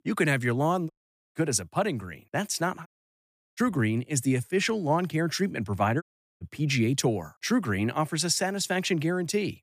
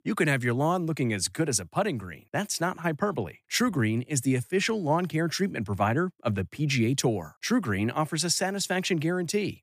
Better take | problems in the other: second | audio cutting out; at 1 s, at 3 s for 0.5 s and at 6 s

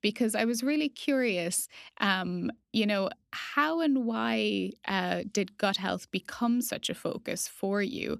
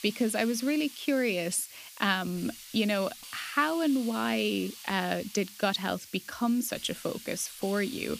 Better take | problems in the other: first | hiss; noticeable; throughout; 15 dB below the speech

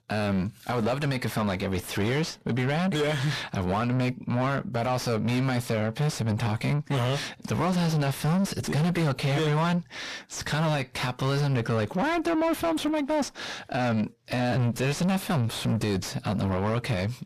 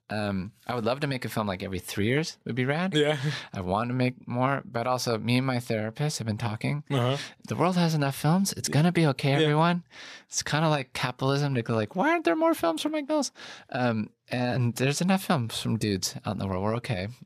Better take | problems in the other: second | distortion; heavy; 6 dB below the speech

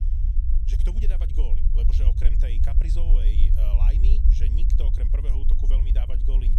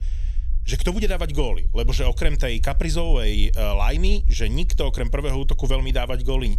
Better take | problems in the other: second | low rumble; loud; throughout; 1 dB below the speech; faint in the second

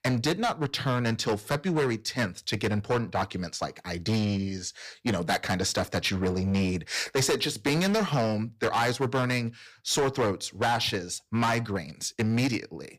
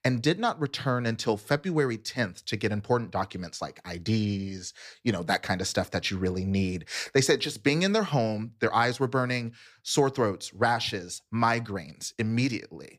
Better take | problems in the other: second | distortion; heavy; 12% of the sound clipped

